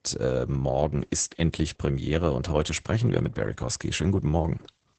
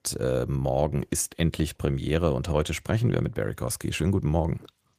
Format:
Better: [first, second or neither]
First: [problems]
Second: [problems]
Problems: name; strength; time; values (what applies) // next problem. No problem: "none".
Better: second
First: garbled, watery; badly; nothing above 8 kHz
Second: garbled, watery; slightly; nothing above 15 kHz